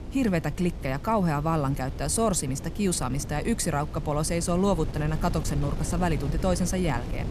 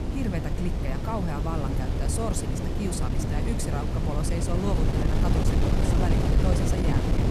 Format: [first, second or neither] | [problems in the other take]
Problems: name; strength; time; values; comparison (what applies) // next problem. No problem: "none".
first | wind noise on the microphone; heavy; 2 dB above the speech; occasional gusts in the first